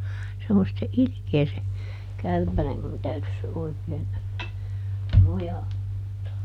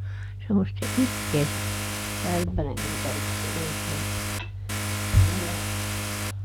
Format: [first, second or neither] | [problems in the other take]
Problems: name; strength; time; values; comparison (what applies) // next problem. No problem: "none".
first | background sound (Vehicle); 4 dB below the speech